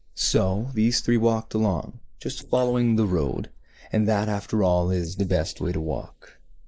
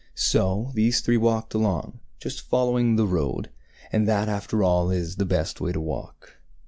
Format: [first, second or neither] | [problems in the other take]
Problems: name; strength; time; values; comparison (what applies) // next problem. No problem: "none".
second | noise reduction (neural mask model Resemble Enhance denoiser)